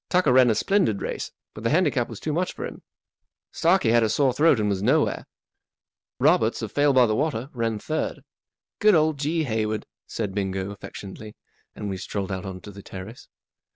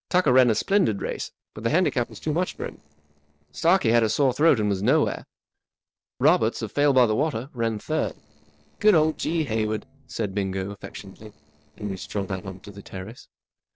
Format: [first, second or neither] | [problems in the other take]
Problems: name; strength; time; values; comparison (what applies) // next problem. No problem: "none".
first | noise reduction (neural separator model SepFormer DNS4)